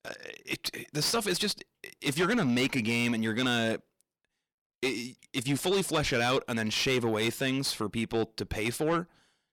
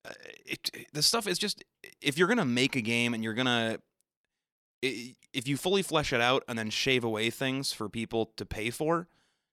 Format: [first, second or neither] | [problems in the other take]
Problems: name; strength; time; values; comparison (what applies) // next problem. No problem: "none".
second | distortion; heavy; 8 dB below the speech